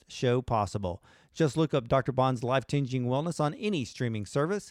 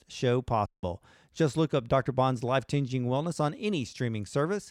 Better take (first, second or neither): first